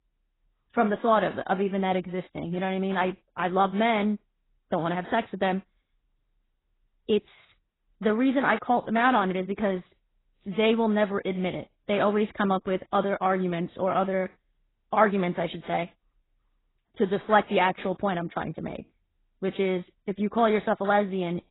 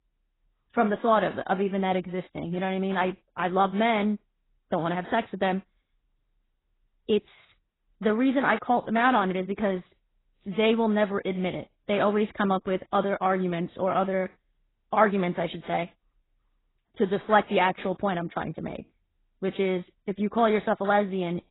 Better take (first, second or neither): neither